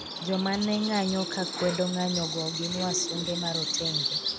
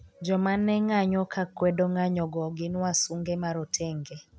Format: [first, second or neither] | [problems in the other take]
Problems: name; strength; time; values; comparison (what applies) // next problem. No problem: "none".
second | background sound (Bird vocalization, bird call, bird song); 3 dB below the speech